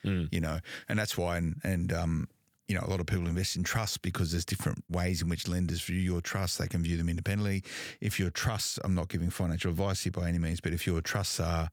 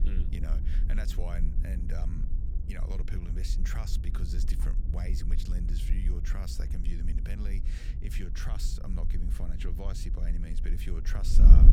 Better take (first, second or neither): first